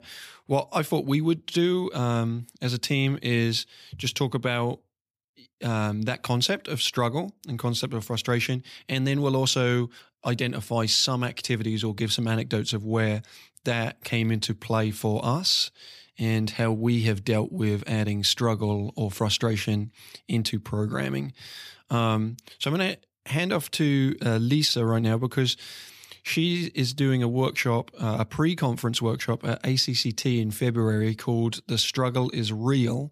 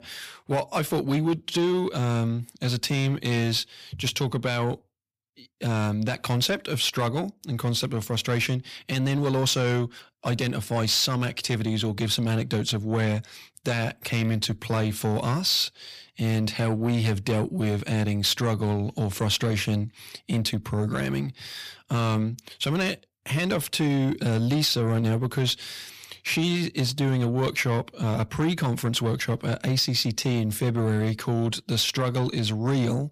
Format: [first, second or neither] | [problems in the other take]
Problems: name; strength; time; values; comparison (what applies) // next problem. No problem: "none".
first | distortion; slight; 10 dB below the speech